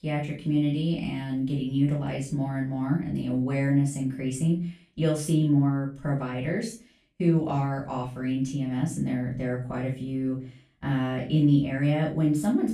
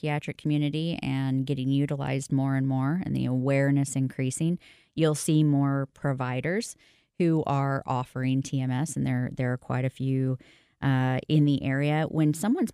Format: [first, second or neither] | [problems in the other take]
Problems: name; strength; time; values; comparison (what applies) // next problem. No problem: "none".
second | off-mic speech; far // room echo; slight; dies away in 0.3 s